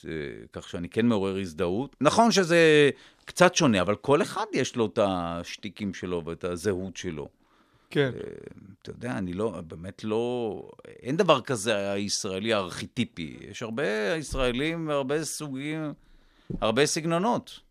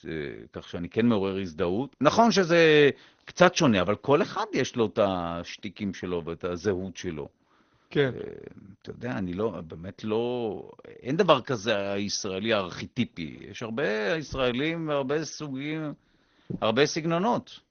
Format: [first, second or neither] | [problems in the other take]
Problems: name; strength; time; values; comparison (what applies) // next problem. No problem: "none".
first | garbled, watery; slightly; nothing above 6.5 kHz